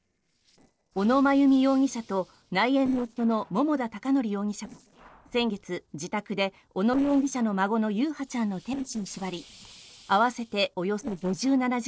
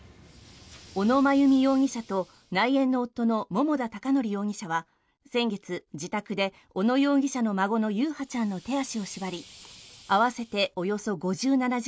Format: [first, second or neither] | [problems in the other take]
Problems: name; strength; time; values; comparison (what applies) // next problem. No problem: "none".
second | noise reduction (neural separator model SepFormer DNS4)